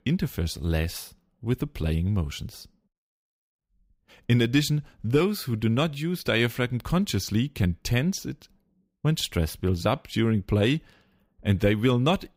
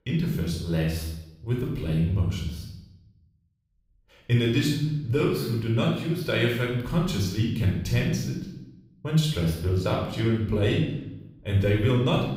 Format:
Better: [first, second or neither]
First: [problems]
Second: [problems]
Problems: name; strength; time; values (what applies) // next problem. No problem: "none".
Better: first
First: none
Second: off-mic speech; somewhat distant // room echo; noticeable; dies away in 0.8 s